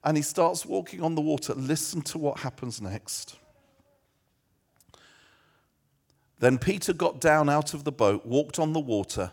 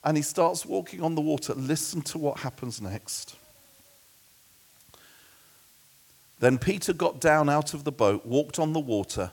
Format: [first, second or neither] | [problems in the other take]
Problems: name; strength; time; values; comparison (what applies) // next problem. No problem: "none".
first | hiss; faint; throughout; 30 dB below the speech